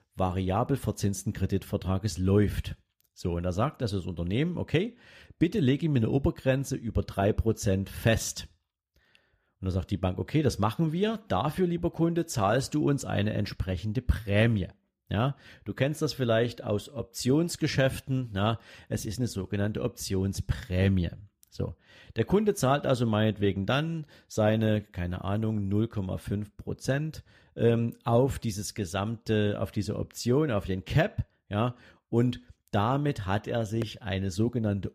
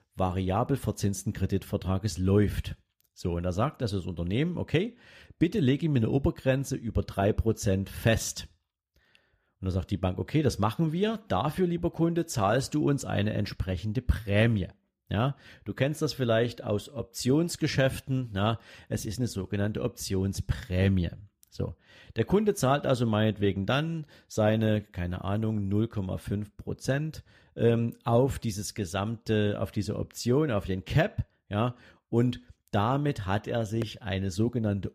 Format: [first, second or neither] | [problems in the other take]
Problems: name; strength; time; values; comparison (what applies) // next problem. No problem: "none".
neither | none